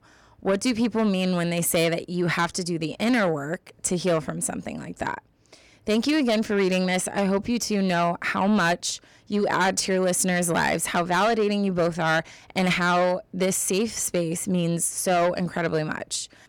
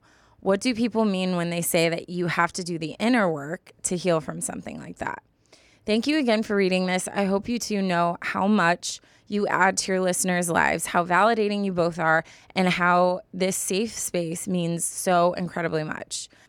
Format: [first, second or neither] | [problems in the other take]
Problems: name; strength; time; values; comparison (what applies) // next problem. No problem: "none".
second | distortion; slight; 10 dB below the speech